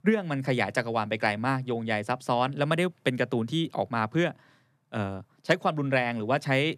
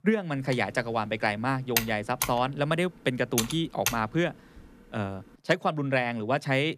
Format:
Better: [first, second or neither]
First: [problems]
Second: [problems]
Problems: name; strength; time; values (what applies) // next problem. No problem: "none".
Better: first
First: none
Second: keyboard typing; noticeable; from 0.5 to 4 s; peak level with the speech